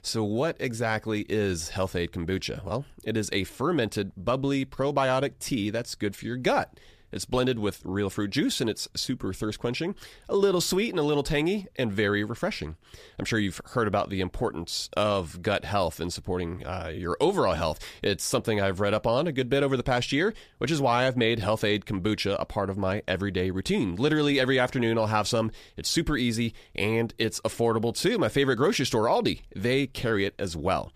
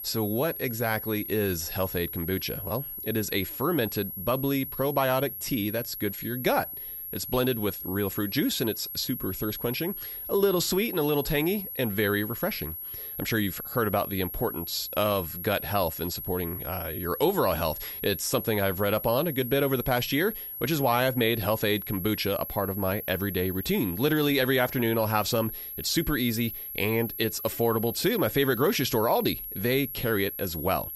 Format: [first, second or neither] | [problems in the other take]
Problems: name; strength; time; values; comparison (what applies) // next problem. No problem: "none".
first | high-pitched whine; loud; throughout; 11.5 kHz, 7 dB below the speech